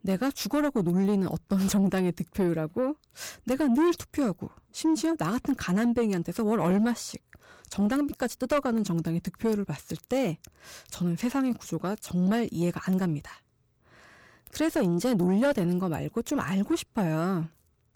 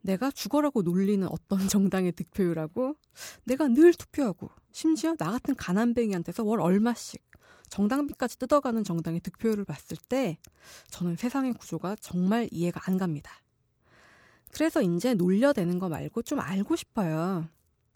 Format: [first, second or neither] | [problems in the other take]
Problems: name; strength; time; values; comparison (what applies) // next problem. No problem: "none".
second | distortion; slight; 10 dB below the speech